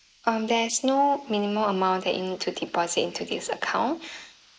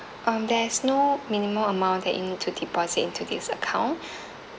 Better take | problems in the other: second | noise reduction (neural mask model Resemble Enhance denoiser)

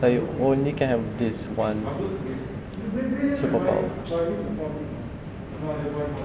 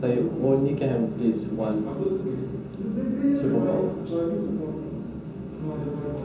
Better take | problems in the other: first | room echo; dies away in 0.6 s

